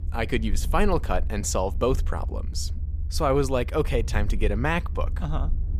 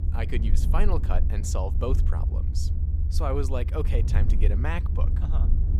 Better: first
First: low rumble; faint; throughout; 20 dB below the speech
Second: low rumble; loud; throughout; 8 dB below the speech

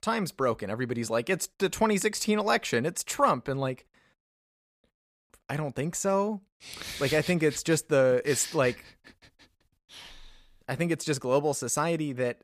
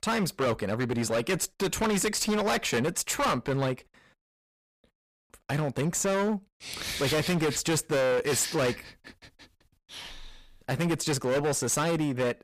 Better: first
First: none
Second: distortion; heavy; 17% of the sound clipped

